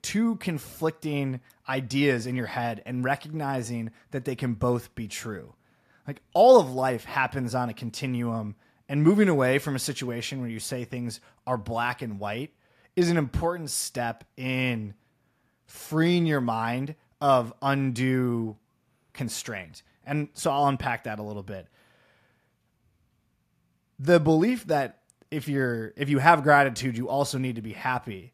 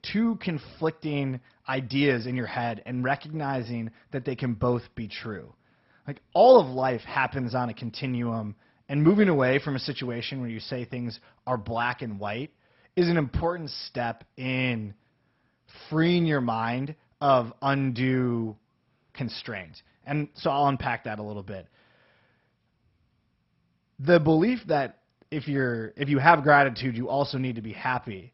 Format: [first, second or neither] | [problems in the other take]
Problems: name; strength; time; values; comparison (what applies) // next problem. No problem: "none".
first | garbled, watery; badly; nothing above 5.5 kHz